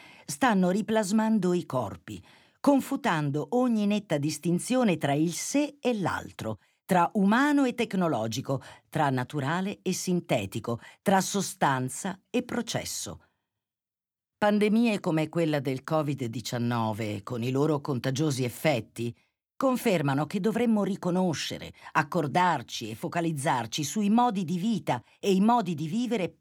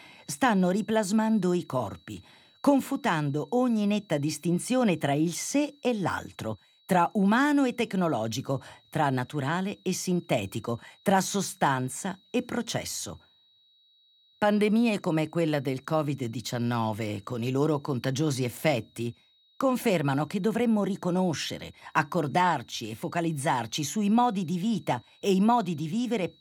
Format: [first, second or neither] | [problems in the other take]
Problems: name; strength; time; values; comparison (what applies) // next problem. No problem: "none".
first | high-pitched whine; faint; throughout; 4 kHz, 30 dB below the speech